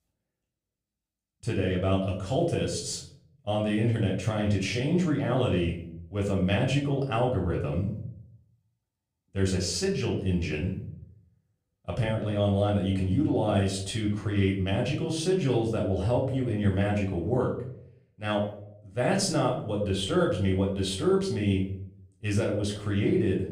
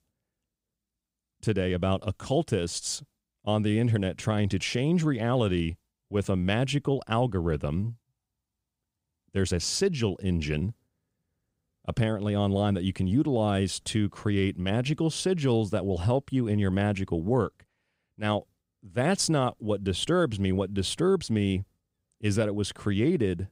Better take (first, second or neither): second